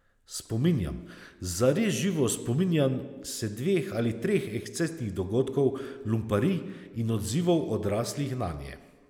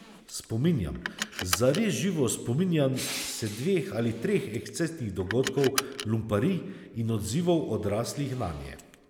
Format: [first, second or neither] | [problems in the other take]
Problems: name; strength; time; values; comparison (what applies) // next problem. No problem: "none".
first | background sound (Crushing + Car); 11 dB below the speech